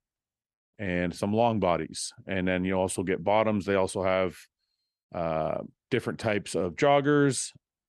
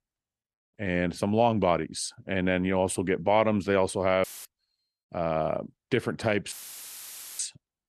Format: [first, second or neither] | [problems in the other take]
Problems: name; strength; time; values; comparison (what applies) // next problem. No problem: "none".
first | audio cutting out; filled with static; at 4 s and at 6.5 s for 1 s